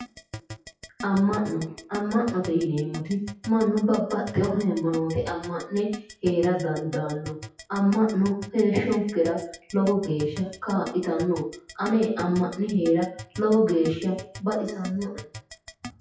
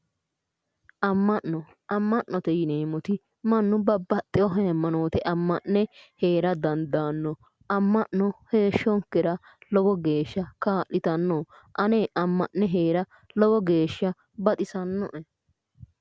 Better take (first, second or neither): second